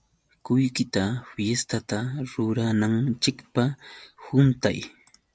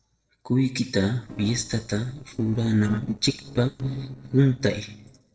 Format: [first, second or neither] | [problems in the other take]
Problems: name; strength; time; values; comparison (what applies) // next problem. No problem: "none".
first | noise reduction (neural separator model SepFormer DNS4)